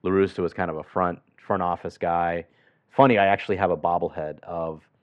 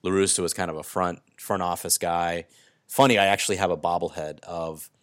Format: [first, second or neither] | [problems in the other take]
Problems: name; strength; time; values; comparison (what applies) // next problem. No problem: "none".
second | muffled; very; fading above 2 kHz